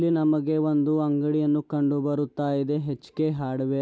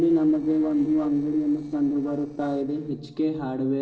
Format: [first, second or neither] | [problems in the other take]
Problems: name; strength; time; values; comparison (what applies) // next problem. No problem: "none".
first | noise reduction (neural separator model SepFormer DNS4)